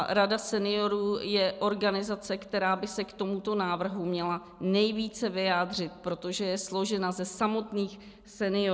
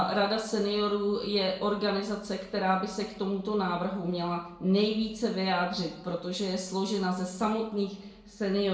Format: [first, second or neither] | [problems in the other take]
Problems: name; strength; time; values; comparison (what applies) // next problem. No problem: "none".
first | room echo; dies away in 0.5 s